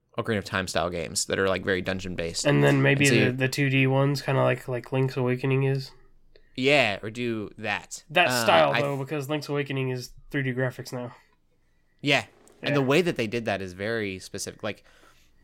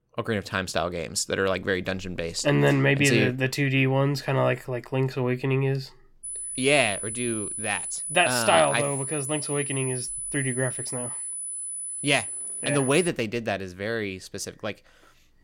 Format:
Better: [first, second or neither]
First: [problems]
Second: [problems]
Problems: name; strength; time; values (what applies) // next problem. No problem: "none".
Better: first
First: none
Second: high-pitched whine; loud; from 6 to 13 s; 10 kHz, 5 dB below the speech